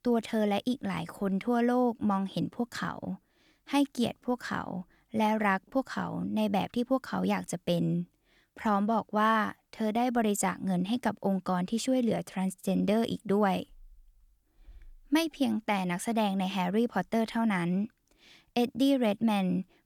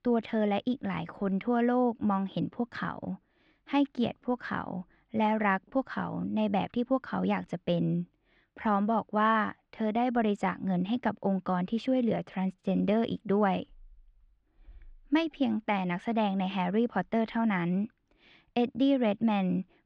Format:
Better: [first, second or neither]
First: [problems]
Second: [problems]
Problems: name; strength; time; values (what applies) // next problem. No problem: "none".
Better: first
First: none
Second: muffled; slightly; fading above 3 kHz